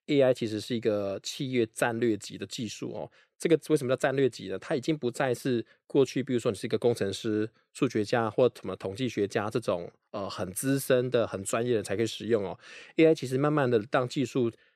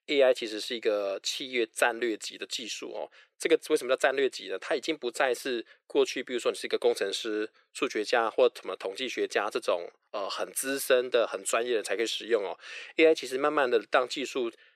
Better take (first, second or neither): first